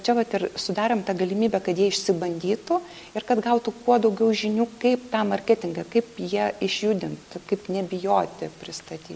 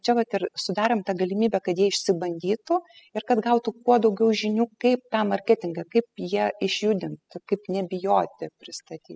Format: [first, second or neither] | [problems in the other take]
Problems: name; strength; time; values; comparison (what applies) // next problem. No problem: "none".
first | noise reduction (classical method spectral subtraction)